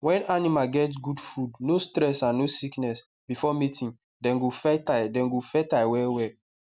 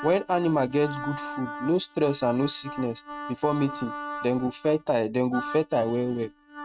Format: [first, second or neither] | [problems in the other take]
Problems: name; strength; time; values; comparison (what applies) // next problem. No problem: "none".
first | noise reduction (neural mask model RNNoise)